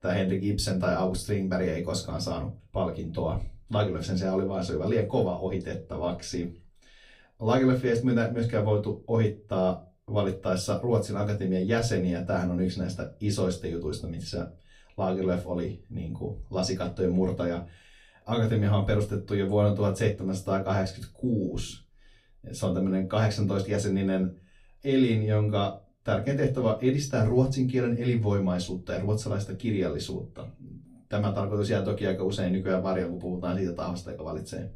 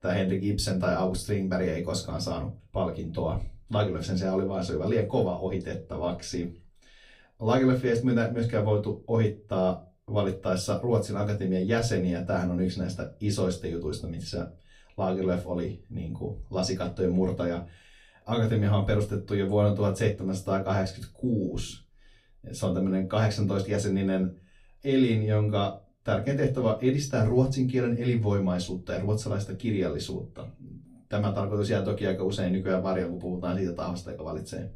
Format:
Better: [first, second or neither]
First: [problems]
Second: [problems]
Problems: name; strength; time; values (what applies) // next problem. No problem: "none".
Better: neither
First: off-mic speech; far // room echo; very slight; dies away in 0.2 s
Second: off-mic speech; far // room echo; very slight; dies away in 0.2 s